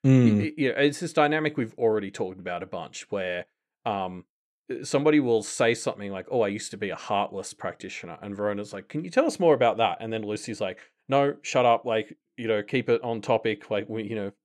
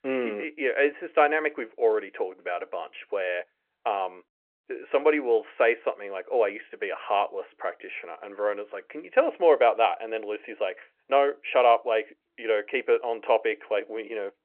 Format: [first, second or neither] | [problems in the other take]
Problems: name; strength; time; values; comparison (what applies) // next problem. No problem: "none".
first | phone-call audio